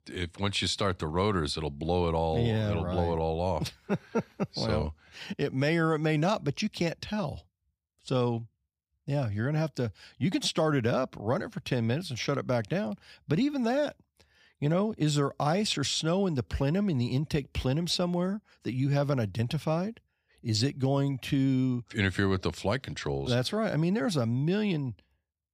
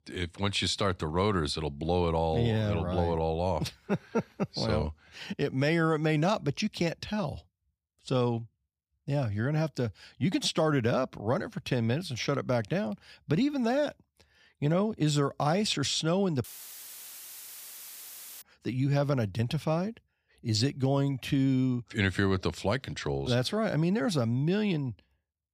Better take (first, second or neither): first